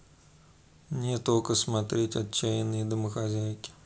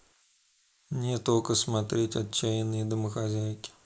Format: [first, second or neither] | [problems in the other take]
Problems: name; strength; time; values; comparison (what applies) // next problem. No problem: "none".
first | noise reduction (neural mask model Resemble Enhance denoiser)